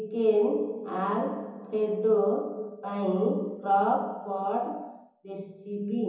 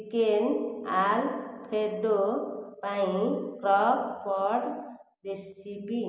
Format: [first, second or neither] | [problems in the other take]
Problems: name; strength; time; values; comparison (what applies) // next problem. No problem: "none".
second | room echo; dies away in 0.6 s